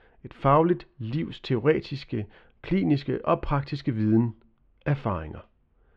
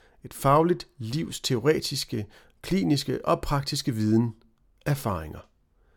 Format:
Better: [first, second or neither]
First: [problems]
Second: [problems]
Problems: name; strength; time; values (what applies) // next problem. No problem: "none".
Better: second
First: muffled; slightly; fading above 3 kHz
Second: none